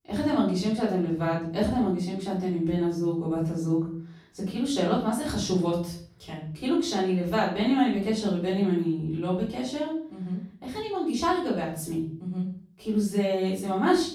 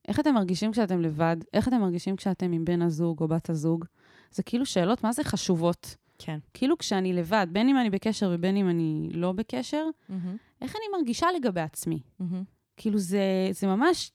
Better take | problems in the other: second | room echo; noticeable; dies away in 0.4 s // off-mic speech; far

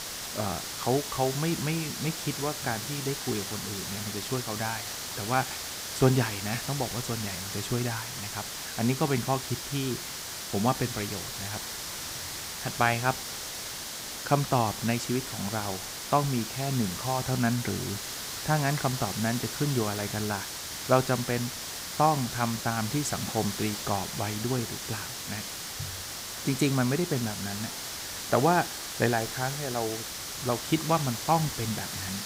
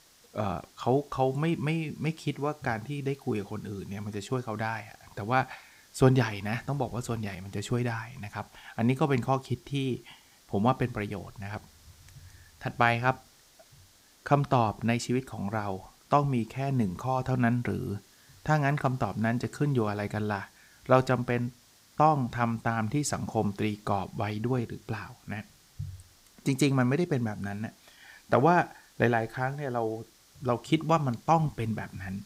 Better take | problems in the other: second | hiss; loud; throughout; 4 dB below the speech; faint in the second

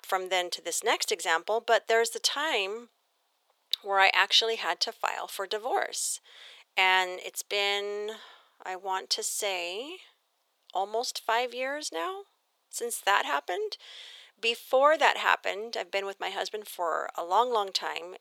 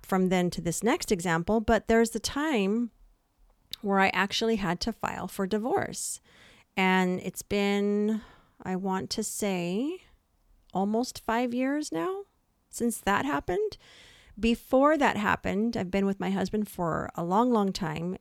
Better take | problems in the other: second | thin; very; fading below 500 Hz

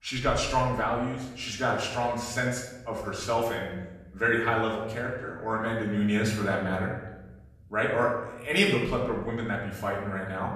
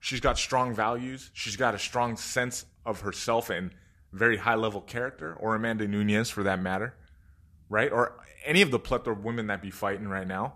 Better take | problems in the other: second | off-mic speech; far // room echo; noticeable; dies away in 1 s

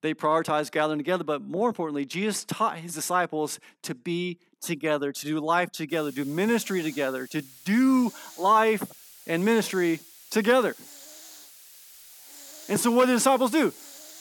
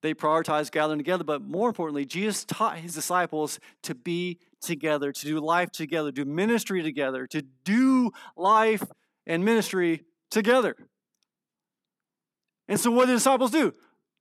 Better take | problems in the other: second | hiss; noticeable; from 6 s on; 20 dB below the speech

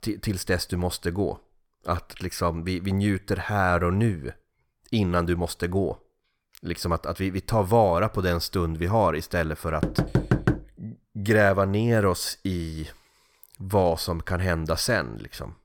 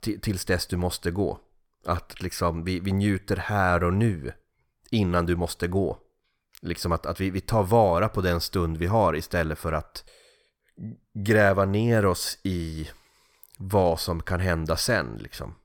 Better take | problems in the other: second | door banging; loud; at 10 s; peak 2 dB above the speech

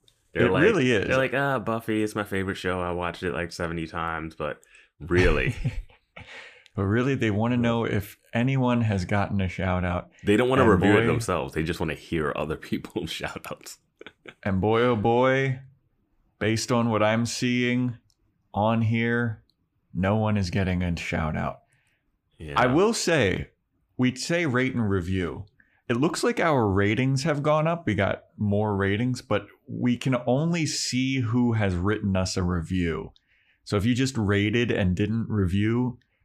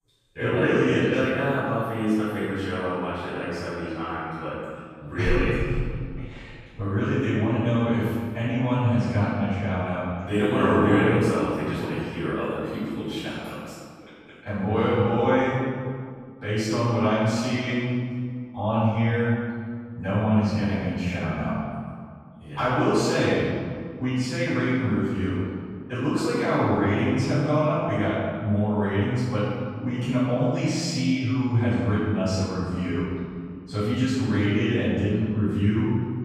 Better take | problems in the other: first | off-mic speech; far // room echo; strong; dies away in 1.9 s

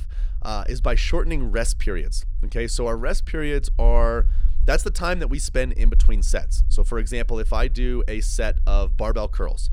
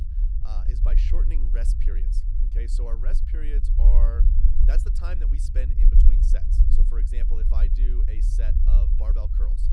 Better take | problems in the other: first | low rumble; loud; throughout; 2 dB below the speech; faint in the first

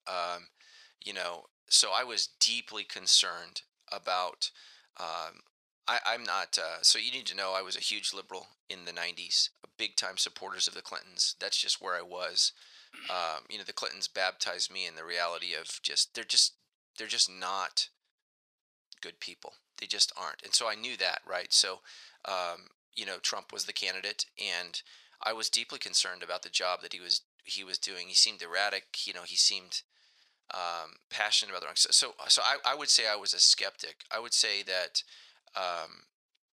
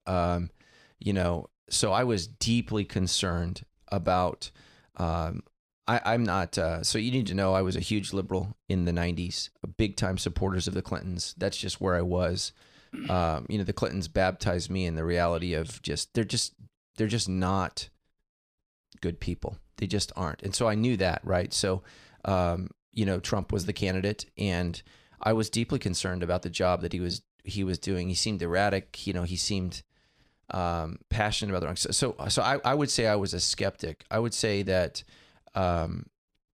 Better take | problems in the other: second | thin; very; fading below 950 Hz

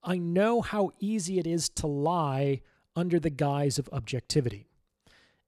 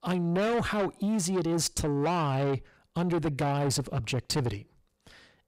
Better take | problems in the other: first | distortion; heavy; 7 dB below the speech

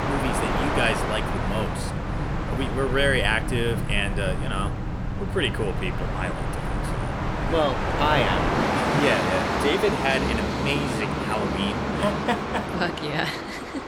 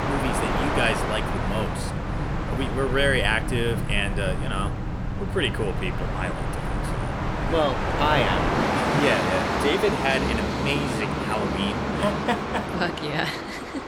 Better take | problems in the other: neither | train or aircraft noise; loud; throughout; as loud as the speech; the same in both

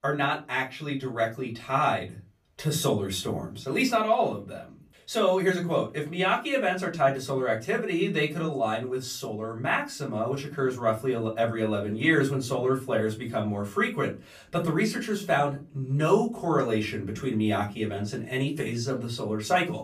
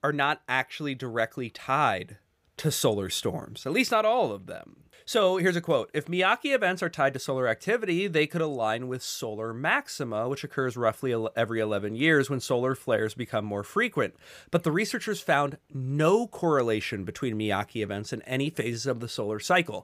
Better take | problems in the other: second | off-mic speech; far // room echo; very slight; dies away in 0.3 s

